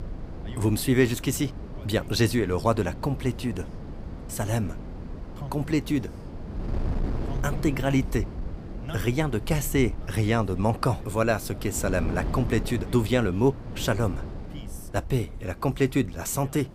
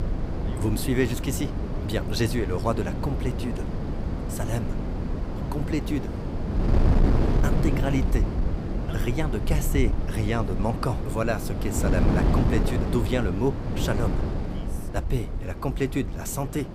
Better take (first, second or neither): first